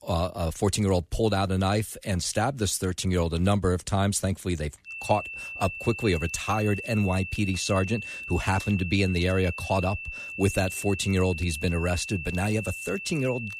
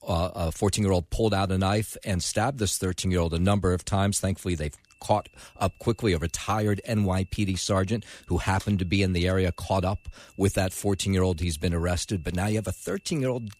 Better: second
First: high-pitched whine; loud; from 5 s on; 2.5 kHz, 8 dB below the speech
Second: high-pitched whine; faint; from 5 s on; 2.5 kHz, 35 dB below the speech

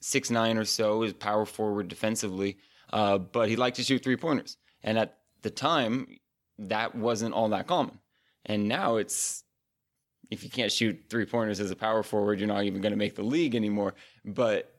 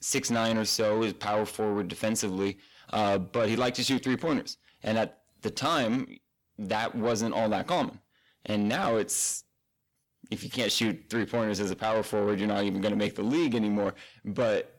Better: first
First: none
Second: distortion; slight; 10 dB below the speech

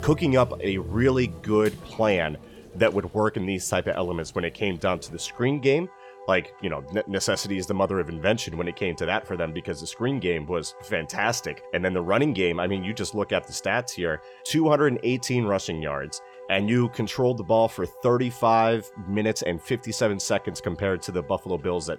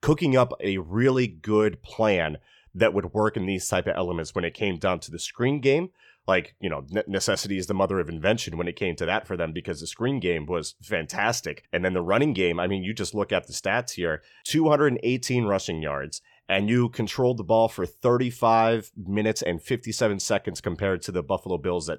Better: second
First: background music; noticeable; throughout; 20 dB below the speech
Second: none

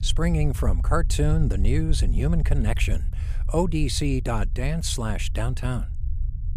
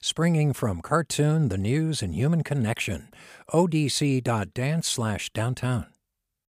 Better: second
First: low rumble; noticeable; throughout; 15 dB below the speech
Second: none

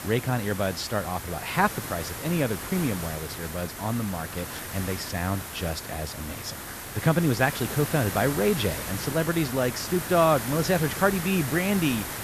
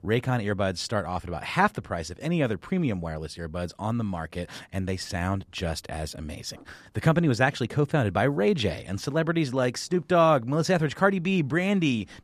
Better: second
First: hiss; loud; throughout; 7 dB below the speech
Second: none

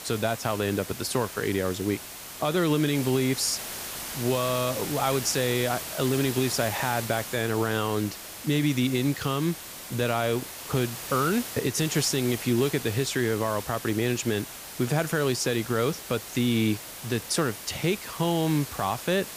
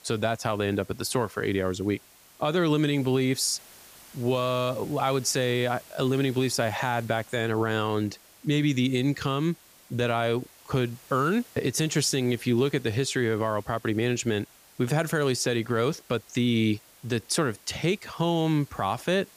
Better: second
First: hiss; loud; throughout; 9 dB below the speech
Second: hiss; faint; throughout; 25 dB below the speech

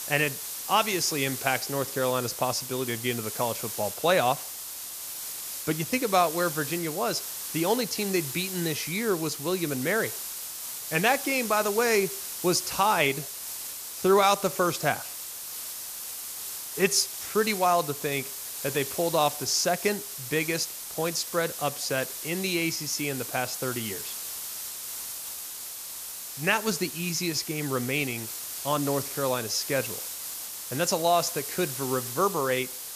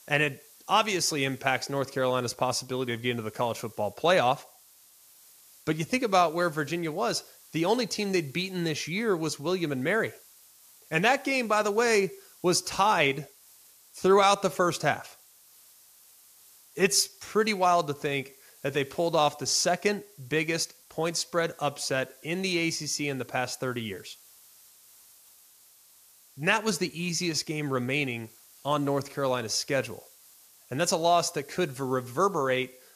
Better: second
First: hiss; loud; throughout; 6 dB below the speech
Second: hiss; faint; throughout; 25 dB below the speech

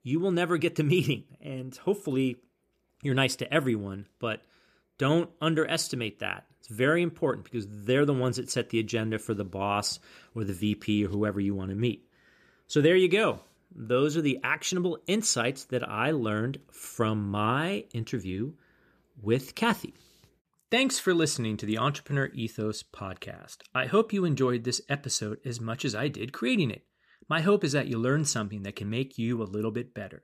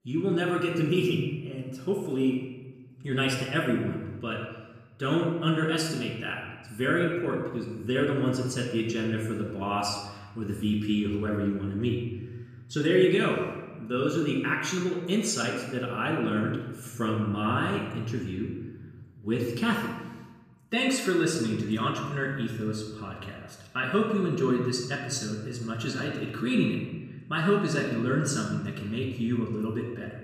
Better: first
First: none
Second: off-mic speech; far // room echo; noticeable; dies away in 1.1 s

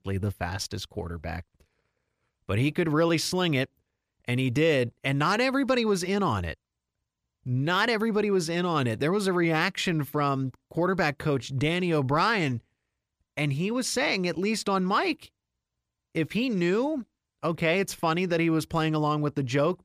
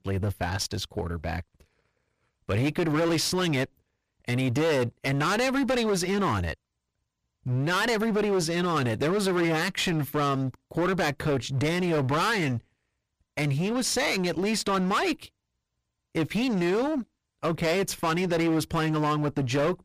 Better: first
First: none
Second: distortion; heavy; 17% of the sound clipped

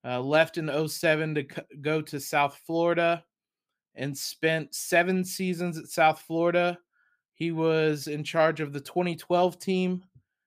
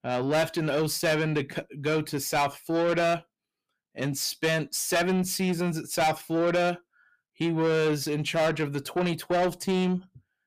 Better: first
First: none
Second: distortion; heavy; 7 dB below the speech

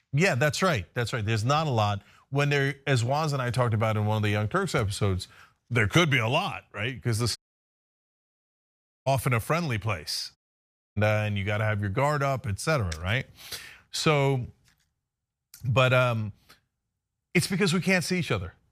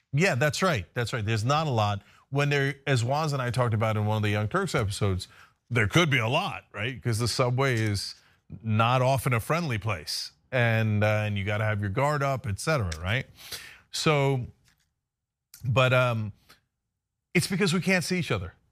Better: second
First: audio cutting out; at 7.5 s for 1.5 s and at 10 s for 0.5 s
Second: none

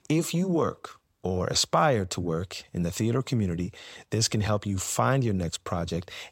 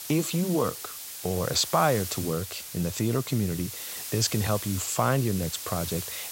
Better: first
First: none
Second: hiss; loud; throughout; 7 dB below the speech

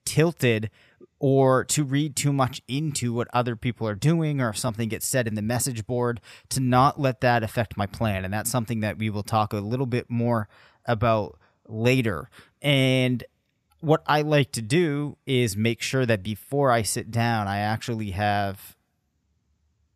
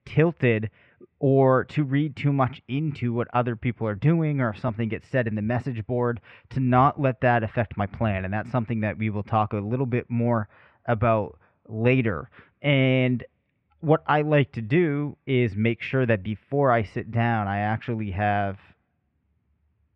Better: first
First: none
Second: muffled; very; fading above 2.5 kHz

